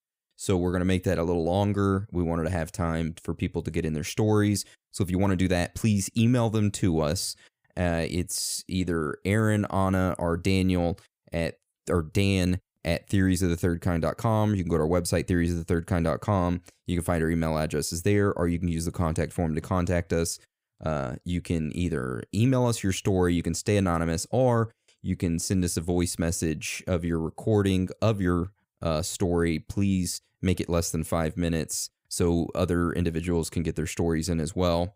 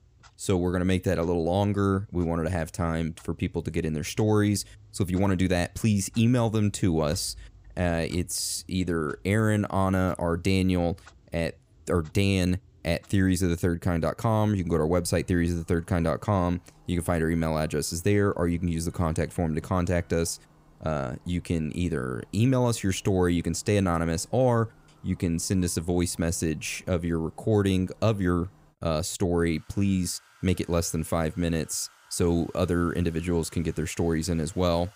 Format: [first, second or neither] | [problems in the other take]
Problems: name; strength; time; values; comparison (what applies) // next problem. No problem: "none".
first | household noises; faint; throughout; 30 dB below the speech